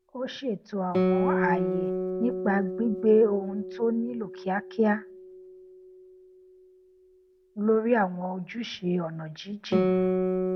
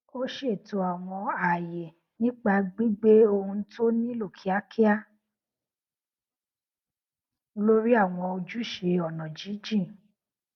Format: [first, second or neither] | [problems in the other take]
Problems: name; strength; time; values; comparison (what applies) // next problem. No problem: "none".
second | background sound (Guitar); 2 dB below the speech